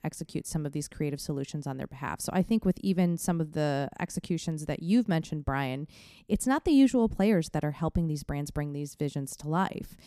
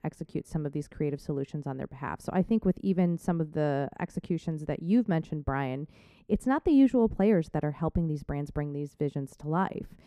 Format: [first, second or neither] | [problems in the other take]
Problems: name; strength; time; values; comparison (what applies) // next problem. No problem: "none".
first | muffled; slightly; fading above 3 kHz